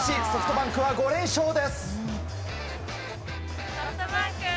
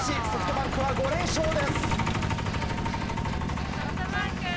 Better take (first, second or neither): first